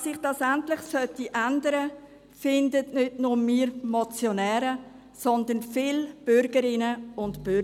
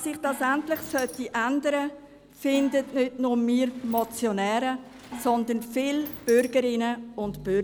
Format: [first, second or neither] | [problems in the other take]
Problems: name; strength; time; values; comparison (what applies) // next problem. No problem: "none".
first | background sound (Gong + Sliding door); 18 dB below the speech